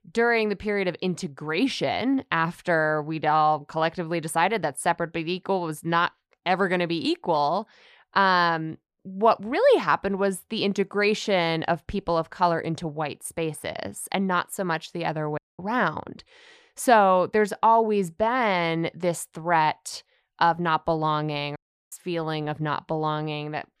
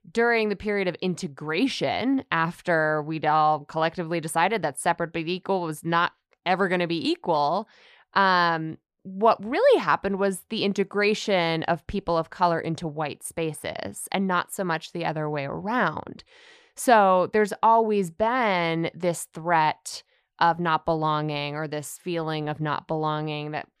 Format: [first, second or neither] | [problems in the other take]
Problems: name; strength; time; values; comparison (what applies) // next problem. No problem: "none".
second | audio cutting out; at 15 s and at 22 s